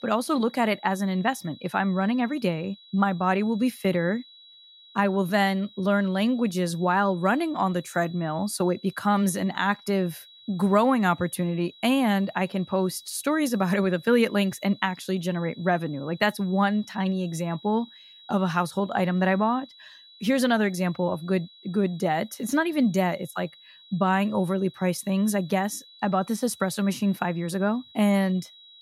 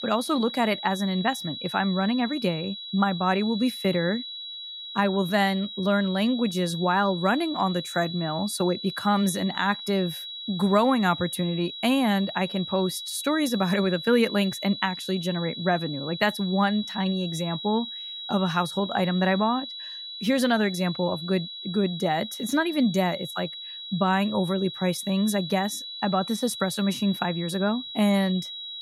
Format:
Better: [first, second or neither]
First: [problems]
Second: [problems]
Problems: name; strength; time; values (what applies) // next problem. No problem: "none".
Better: first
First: high-pitched whine; faint; throughout; 4 kHz, 25 dB below the speech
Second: high-pitched whine; loud; throughout; 4 kHz, 9 dB below the speech